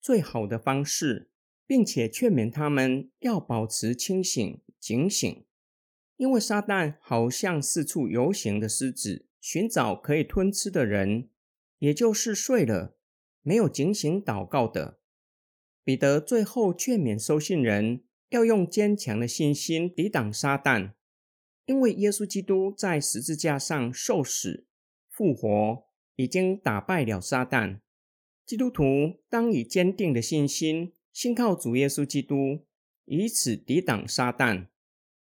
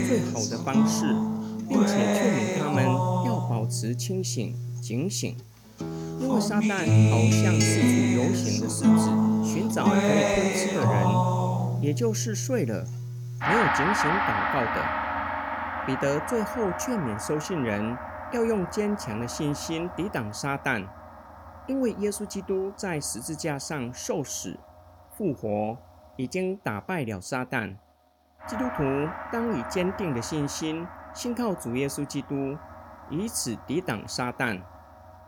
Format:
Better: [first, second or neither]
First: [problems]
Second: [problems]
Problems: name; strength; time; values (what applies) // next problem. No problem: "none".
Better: first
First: none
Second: background music; very loud; throughout; 4 dB above the speech